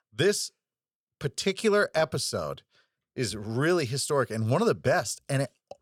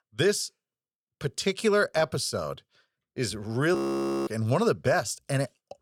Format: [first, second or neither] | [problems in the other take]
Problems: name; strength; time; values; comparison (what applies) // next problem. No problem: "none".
first | audio freezing; at 4 s for 0.5 s